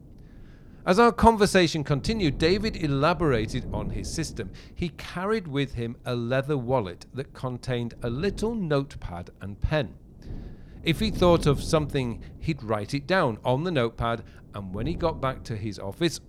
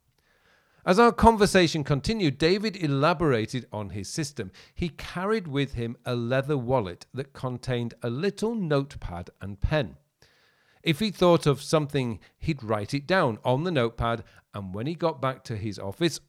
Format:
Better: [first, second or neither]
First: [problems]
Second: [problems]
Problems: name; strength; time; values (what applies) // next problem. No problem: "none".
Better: second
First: wind noise on the microphone; occasional gusts; 20 dB below the speech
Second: none